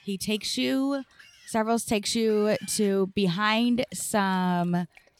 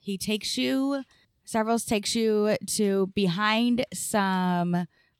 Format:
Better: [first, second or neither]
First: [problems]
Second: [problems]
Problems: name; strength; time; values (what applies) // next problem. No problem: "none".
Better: second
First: animal sounds; faint; throughout; 25 dB below the speech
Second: none